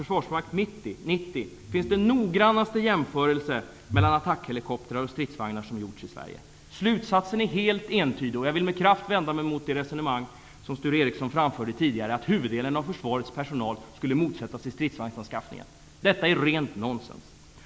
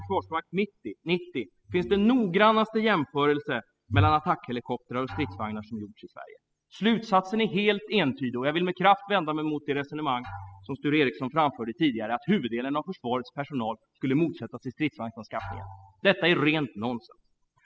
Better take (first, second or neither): first